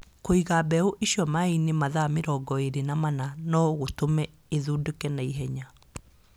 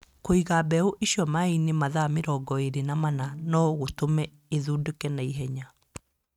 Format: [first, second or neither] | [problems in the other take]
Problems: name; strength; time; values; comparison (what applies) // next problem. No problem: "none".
first | noise reduction (neural mask model RNNoise)